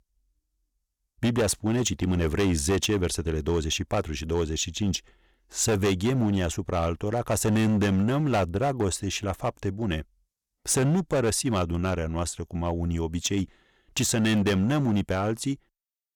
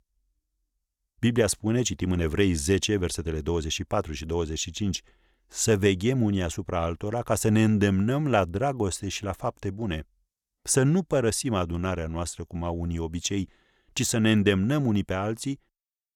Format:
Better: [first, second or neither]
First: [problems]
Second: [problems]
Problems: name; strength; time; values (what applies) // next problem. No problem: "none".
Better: second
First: distortion; slight; 9% of the sound clipped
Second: none